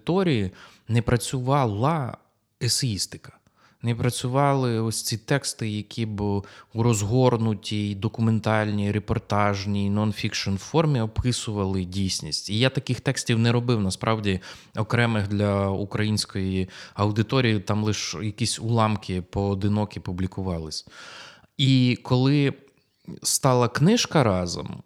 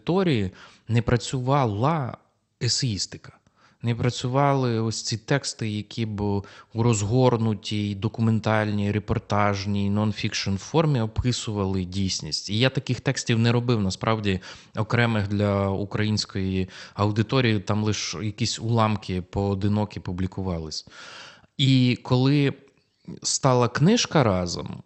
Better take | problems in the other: first | garbled, watery; slightly; nothing above 8 kHz

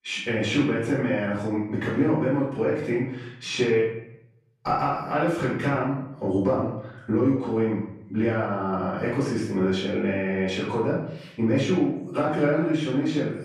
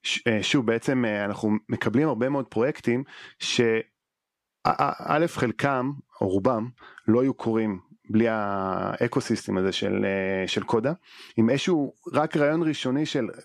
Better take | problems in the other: second | off-mic speech; far // room echo; noticeable; dies away in 0.8 s

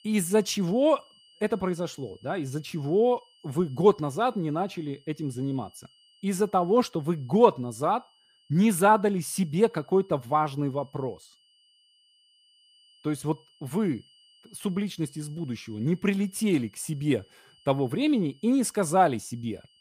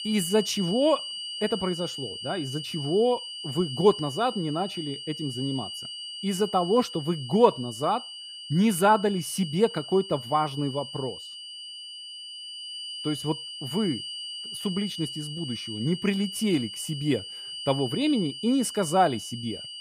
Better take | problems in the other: first | high-pitched whine; loud; throughout; 3 kHz, 8 dB below the speech; faint in the first

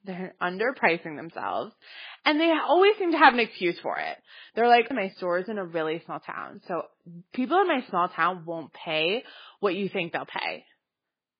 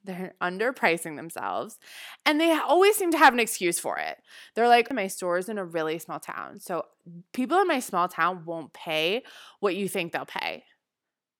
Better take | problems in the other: second | garbled, watery; badly

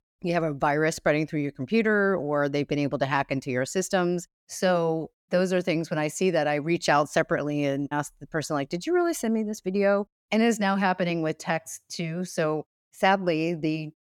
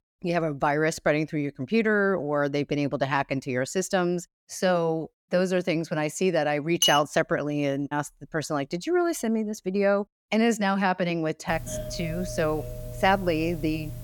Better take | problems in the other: first | clattering dishes; loud; at 7 s; peak 3 dB above the speech // doorbell; noticeable; from 11 s on; peak 9 dB below the speech

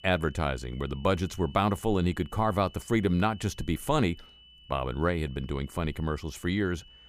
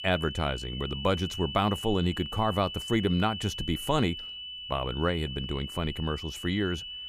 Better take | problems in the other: first | high-pitched whine; loud; throughout; 3 kHz, 7 dB below the speech; faint in the first

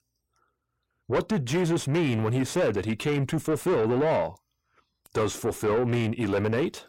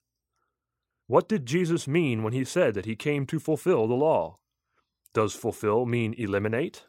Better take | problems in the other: second | distortion; heavy; 7 dB below the speech

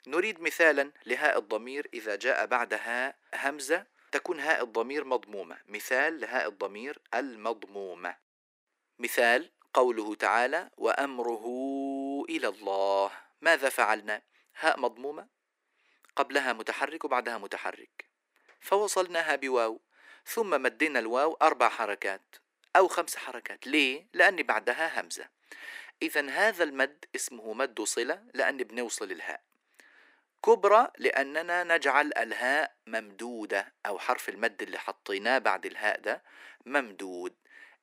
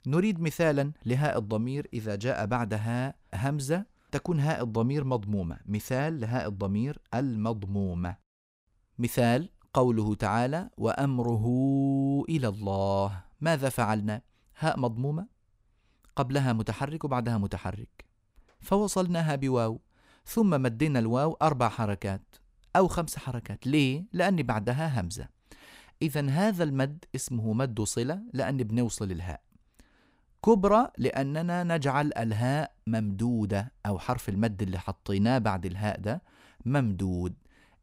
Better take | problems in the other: second | thin; very; fading below 300 Hz

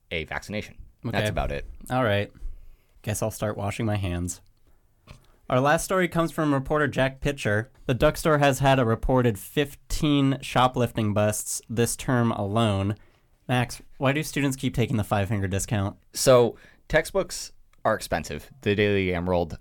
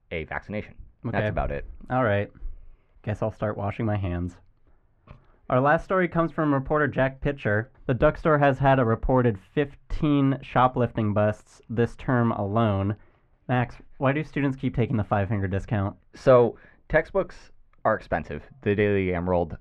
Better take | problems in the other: first | muffled; very; fading above 1.5 kHz

